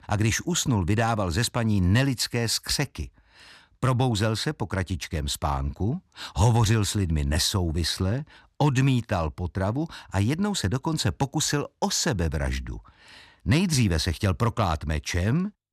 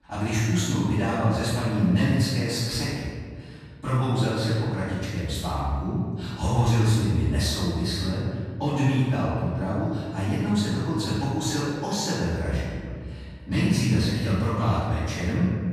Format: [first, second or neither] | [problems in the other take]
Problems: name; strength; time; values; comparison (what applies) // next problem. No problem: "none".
first | off-mic speech; far // room echo; strong; dies away in 1.9 s